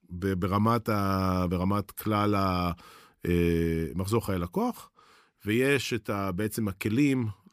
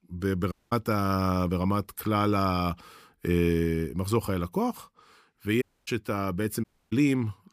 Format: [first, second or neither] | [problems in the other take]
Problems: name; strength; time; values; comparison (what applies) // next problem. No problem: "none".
first | audio cutting out; at 0.5 s, at 5.5 s and at 6.5 s